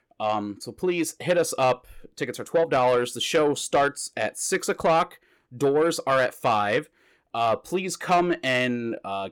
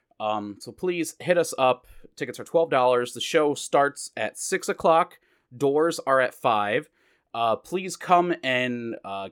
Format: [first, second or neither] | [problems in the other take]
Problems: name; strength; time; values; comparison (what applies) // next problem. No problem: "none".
second | distortion; slight; 10 dB below the speech